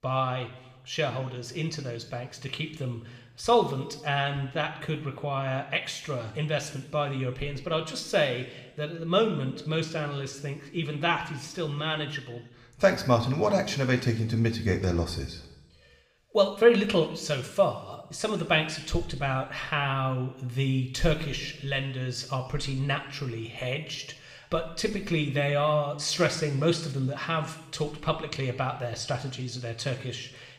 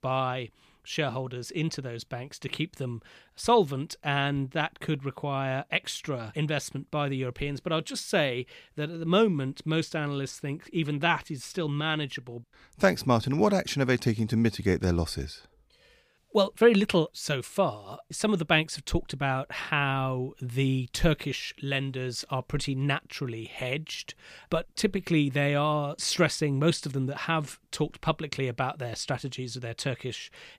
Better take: second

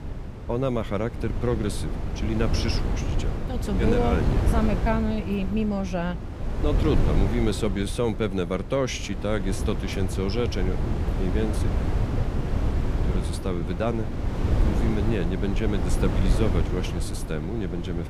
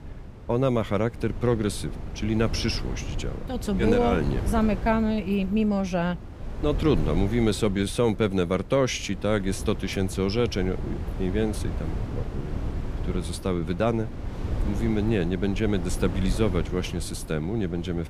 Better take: second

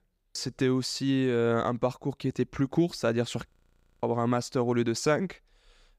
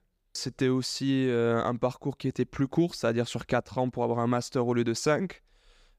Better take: second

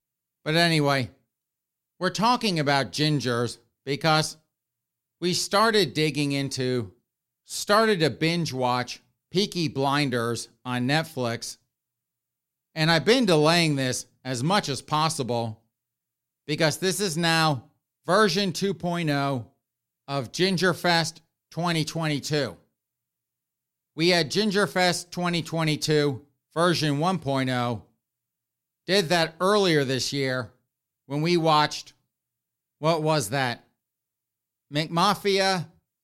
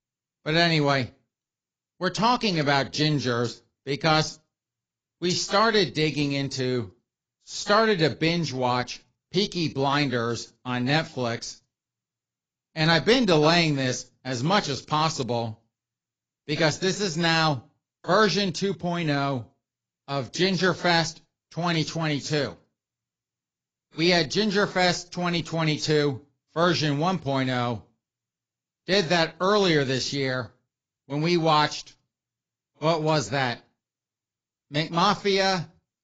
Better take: first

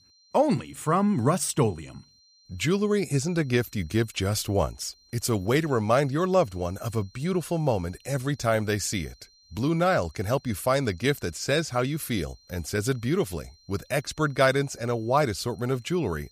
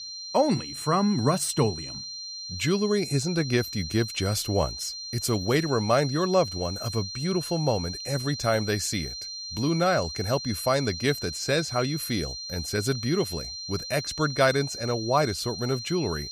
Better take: first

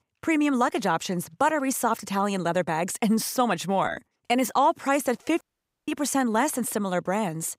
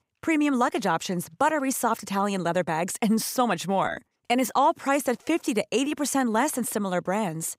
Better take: second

